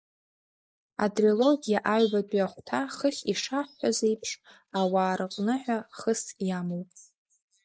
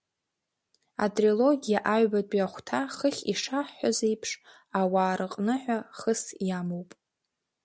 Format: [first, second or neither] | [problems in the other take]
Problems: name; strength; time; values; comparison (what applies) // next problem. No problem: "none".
second | noise reduction (neural mask model Resemble Enhance denoiser)